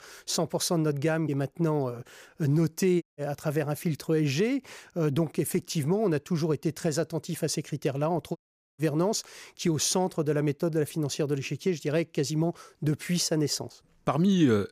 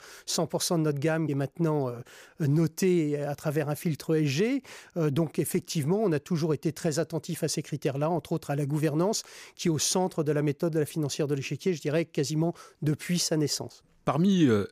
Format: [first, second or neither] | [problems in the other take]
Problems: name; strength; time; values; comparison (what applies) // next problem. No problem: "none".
second | audio cutting out; at 3 s and at 8.5 s